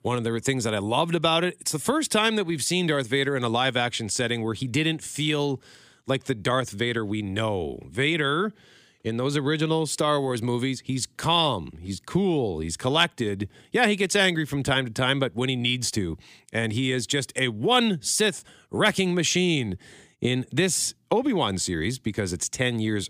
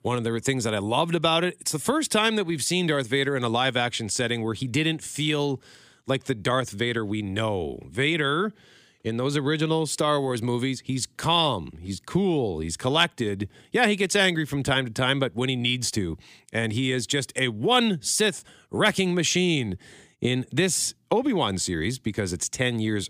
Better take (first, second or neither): neither